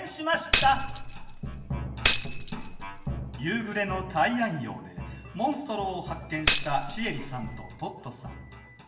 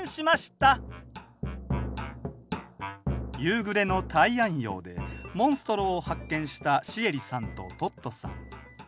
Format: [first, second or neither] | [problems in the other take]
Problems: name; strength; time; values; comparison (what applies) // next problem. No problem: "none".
second | background sound (Tambourine); as loud as the speech // room echo; dies away in 0.9 s